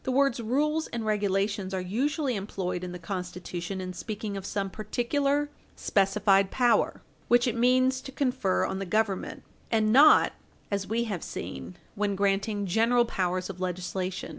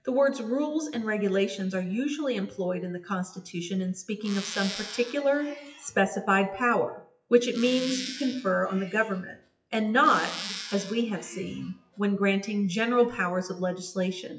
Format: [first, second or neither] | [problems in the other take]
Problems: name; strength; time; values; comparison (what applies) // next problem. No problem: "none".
first | noise reduction (classical method WPE with log-MMSE)